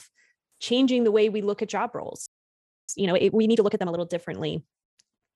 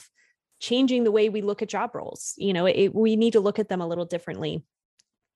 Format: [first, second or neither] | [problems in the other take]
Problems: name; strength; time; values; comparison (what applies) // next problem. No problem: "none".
second | audio freezing; at 2.5 s for 0.5 s